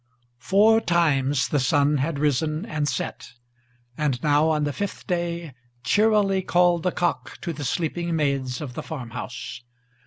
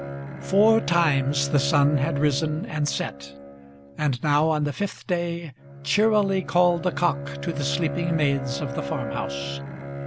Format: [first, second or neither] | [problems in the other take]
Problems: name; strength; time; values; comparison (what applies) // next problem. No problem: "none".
first | background sound (Bowed string instrument); 8 dB below the speech